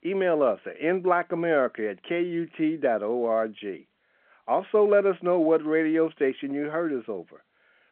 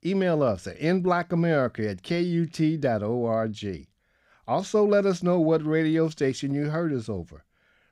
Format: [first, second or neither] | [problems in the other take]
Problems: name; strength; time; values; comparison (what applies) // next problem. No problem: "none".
second | phone-call audio